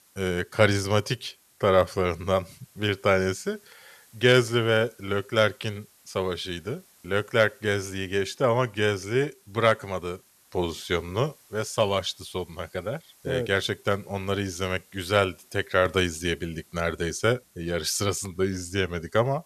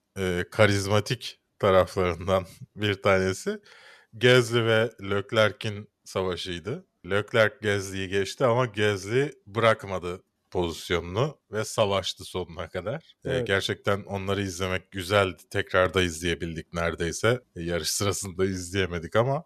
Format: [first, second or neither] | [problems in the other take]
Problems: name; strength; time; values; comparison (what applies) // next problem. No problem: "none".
second | hiss; faint; throughout; 30 dB below the speech